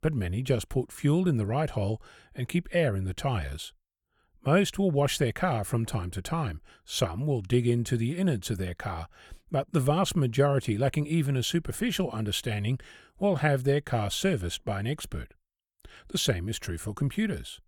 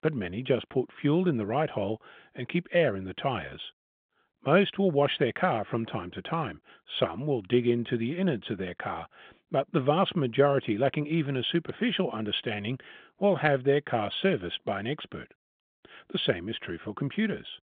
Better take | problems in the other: first | phone-call audio; nothing above 3.5 kHz

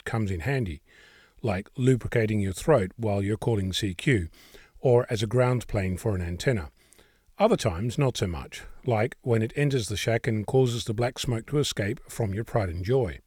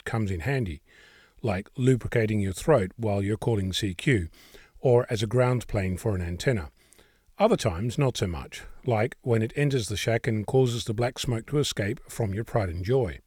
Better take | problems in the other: neither | none

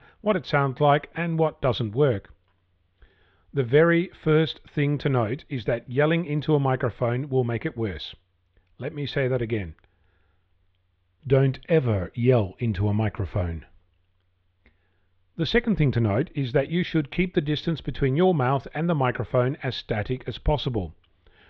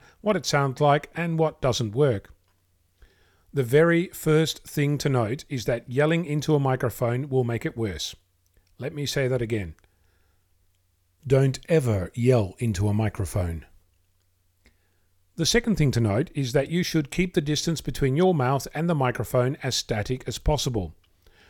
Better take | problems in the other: second | muffled; very; fading above 3.5 kHz

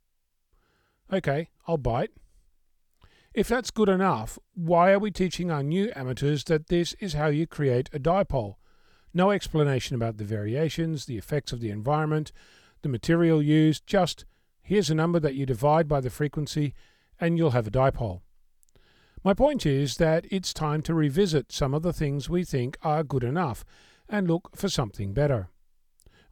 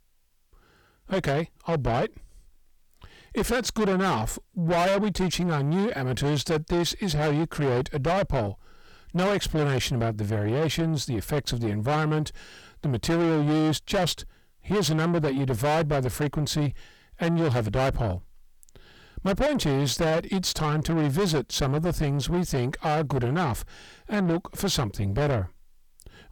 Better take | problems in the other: first | distortion; heavy; 6 dB below the speech

